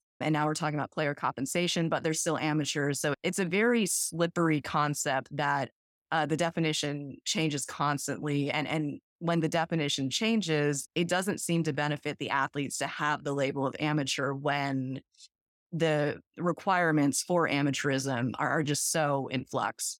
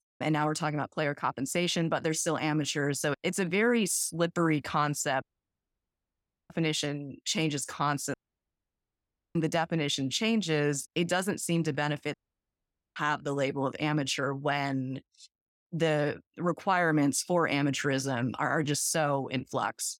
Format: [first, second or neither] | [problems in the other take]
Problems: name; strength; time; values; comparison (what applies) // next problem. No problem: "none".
first | audio cutting out; at 5 s for 1.5 s, at 8 s for 1 s and at 12 s for 1 s